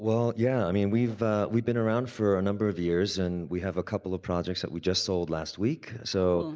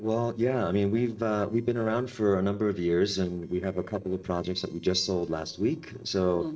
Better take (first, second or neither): first